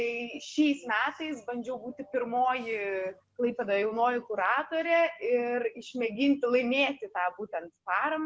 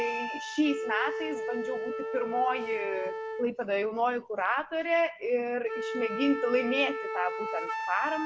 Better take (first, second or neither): first